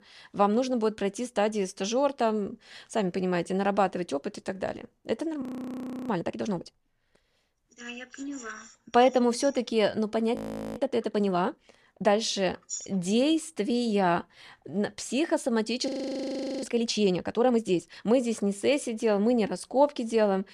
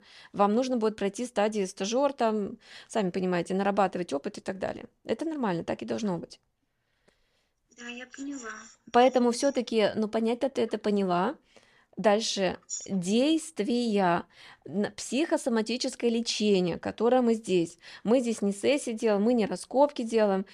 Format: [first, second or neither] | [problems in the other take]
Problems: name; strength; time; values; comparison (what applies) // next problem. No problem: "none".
second | audio freezing; at 5.5 s for 0.5 s, at 10 s and at 16 s for 0.5 s